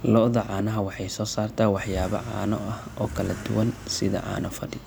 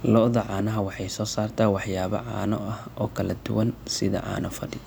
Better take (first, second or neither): second